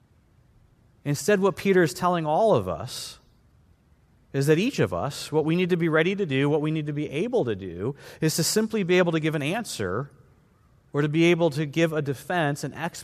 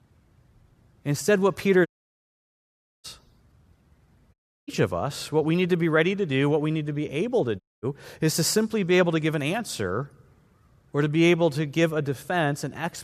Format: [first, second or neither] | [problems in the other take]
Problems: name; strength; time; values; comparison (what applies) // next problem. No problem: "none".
first | audio cutting out; at 2 s for 1 s, at 4.5 s and at 7.5 s